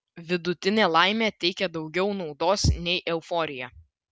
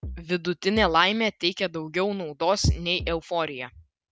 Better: first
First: none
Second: background sound (Bass drum); 13 dB below the speech

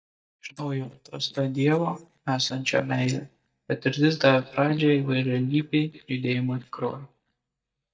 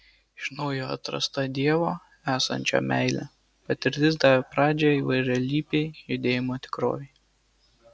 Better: second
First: noise reduction (neural mask model DeepFilterNet 3)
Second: none

